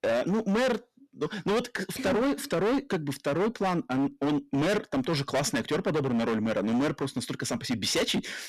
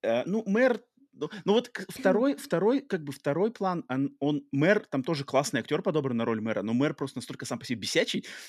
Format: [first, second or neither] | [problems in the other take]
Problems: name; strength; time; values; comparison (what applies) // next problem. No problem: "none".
second | distortion; heavy; 22% of the sound clipped